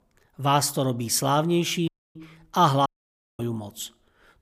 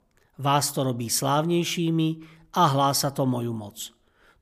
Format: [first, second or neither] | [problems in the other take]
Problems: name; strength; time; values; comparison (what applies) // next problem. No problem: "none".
second | audio cutting out; at 2 s and at 3 s for 0.5 s